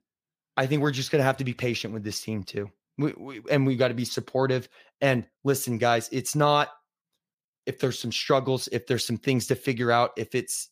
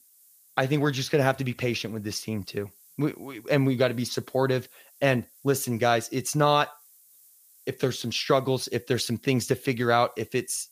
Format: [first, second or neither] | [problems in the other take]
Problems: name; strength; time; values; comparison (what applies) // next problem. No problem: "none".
first | hiss; faint; throughout; 25 dB below the speech